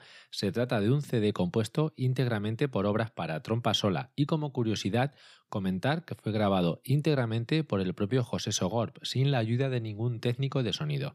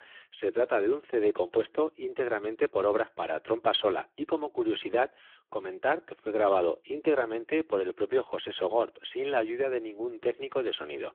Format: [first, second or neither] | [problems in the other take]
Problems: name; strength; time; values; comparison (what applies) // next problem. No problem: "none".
first | phone-call audio; poor line; nothing above 3.5 kHz